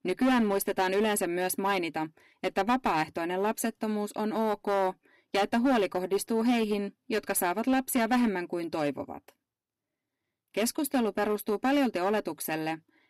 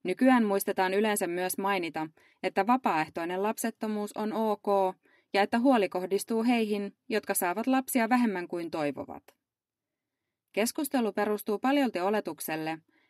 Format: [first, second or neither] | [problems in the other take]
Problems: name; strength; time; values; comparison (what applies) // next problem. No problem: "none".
second | distortion; slight; 6% of the sound clipped